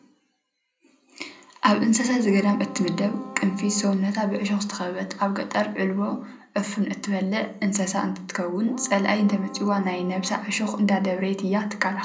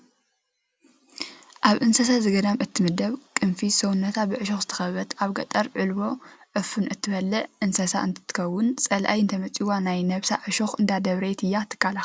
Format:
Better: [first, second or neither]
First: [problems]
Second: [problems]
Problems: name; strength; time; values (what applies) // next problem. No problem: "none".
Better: second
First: background sound (Keyboard (musical)); 18 dB below the speech // room echo; dies away in 0.5 s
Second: none